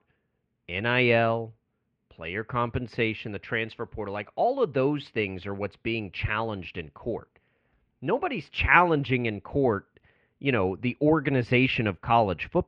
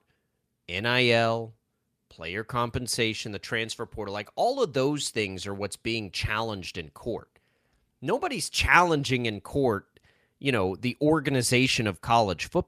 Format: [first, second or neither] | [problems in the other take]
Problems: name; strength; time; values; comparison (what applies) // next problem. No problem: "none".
second | muffled; very; fading above 2.5 kHz